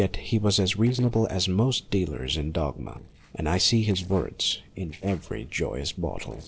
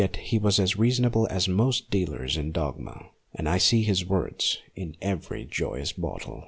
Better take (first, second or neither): second